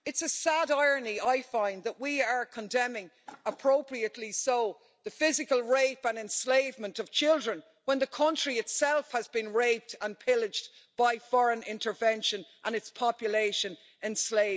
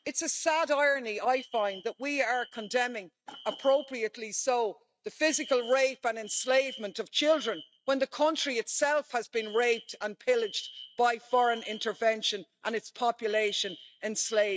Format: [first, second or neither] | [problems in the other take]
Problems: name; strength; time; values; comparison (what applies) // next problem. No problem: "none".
first | noise reduction (neural mask model RNNoise)